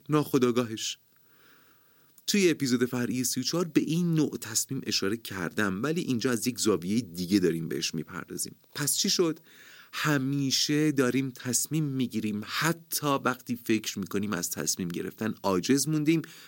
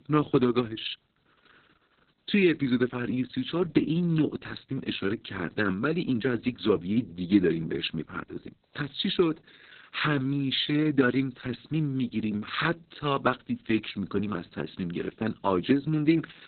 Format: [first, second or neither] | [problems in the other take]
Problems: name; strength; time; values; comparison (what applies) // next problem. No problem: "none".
first | garbled, watery; badly; nothing above 4 kHz